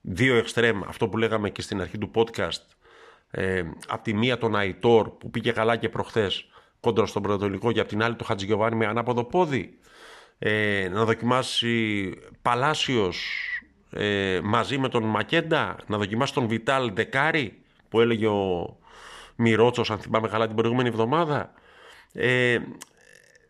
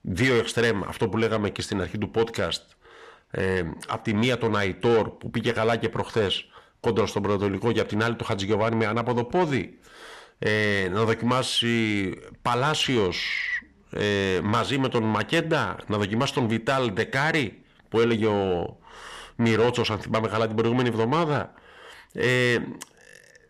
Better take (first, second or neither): first